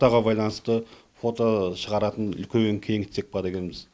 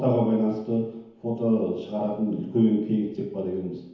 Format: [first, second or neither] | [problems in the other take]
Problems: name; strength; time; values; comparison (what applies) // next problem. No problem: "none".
first | room echo; dies away in 1 s